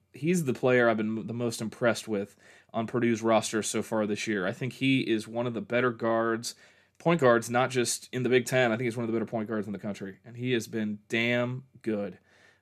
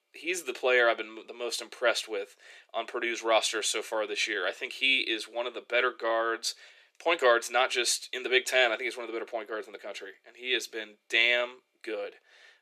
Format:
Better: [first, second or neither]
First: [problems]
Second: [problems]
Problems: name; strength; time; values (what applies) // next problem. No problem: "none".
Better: first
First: none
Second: thin; very; fading below 400 Hz